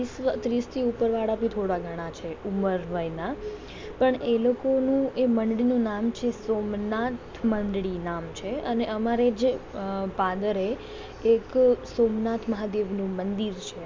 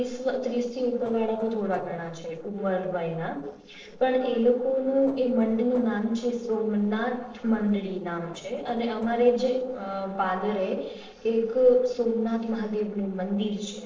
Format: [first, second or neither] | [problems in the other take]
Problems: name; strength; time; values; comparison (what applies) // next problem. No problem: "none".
first | noise reduction (neural separator model SepFormer DNS4)